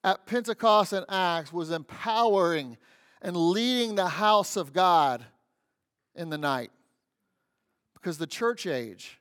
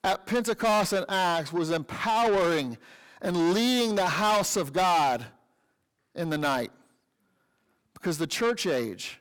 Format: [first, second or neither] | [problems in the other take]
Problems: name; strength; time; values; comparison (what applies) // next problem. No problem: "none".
first | distortion; heavy; 6 dB below the speech